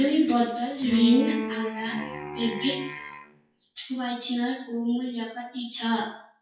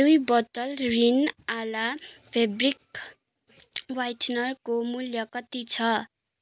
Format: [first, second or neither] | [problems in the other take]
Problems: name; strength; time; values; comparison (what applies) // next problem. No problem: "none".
second | noise reduction (classical method WPE with log-MMSE)